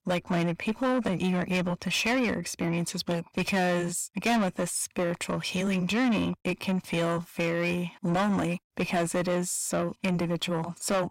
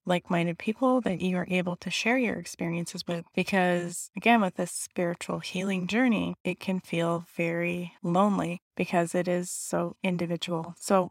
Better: second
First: distortion; heavy; 7 dB below the speech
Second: none

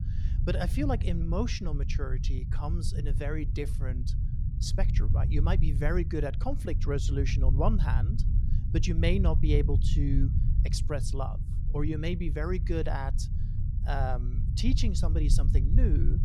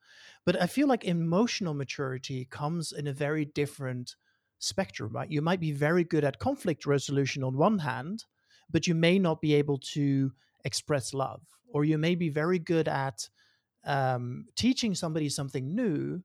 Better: second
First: low rumble; loud; throughout; 9 dB below the speech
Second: none

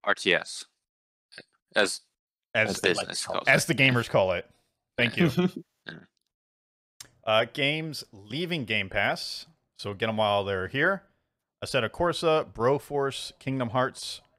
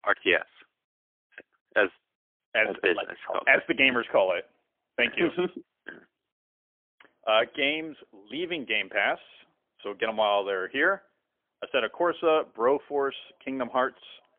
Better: first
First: none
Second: phone-call audio; poor line; nothing above 3.5 kHz

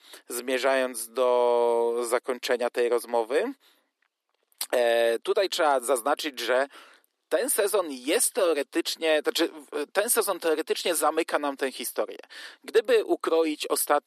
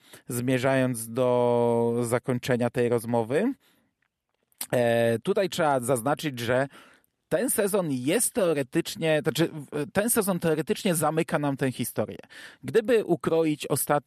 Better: second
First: thin; somewhat; fading below 300 Hz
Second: none

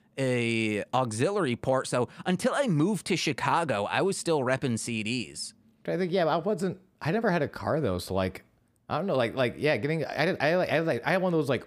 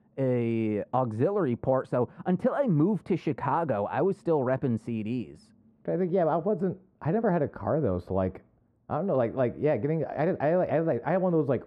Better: first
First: none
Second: muffled; very; fading above 2.5 kHz

